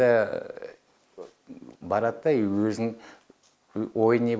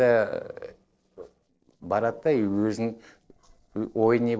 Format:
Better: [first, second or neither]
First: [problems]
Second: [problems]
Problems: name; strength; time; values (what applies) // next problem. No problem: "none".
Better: first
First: none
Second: noise reduction (neural separator model SepFormer DNS4)